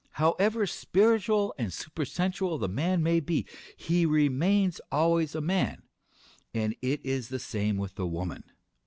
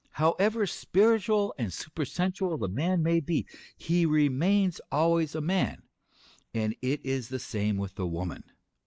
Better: first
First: none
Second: noise reduction (neural mask model Resemble Enhance denoiser)

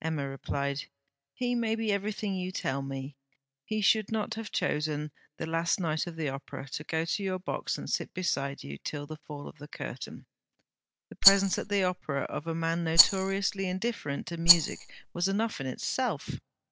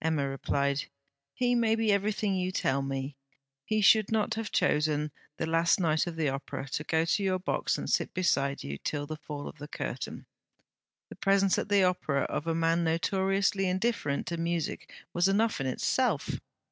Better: second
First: background sound (Rattle); 5 dB above the speech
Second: none

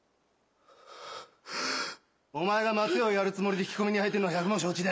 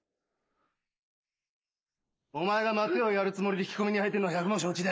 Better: first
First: none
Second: noise reduction (neural mask model Resemble Enhance denoiser)

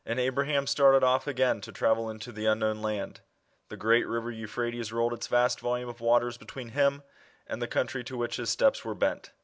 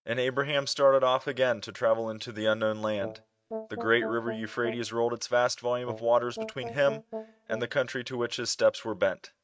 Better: first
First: none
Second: noise reduction (neural mask model RNNoise)

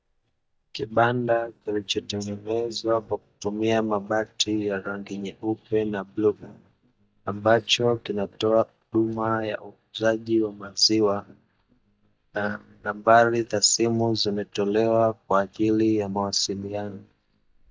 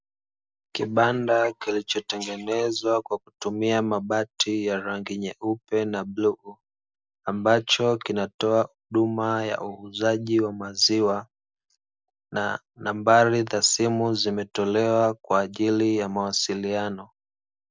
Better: second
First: noise reduction (neural mask model DeepFilterNet 3)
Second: none

